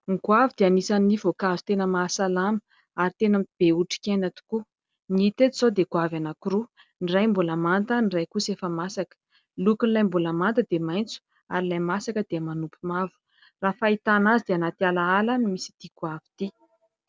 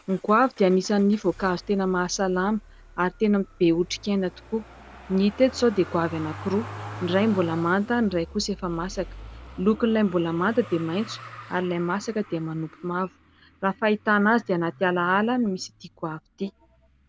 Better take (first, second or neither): first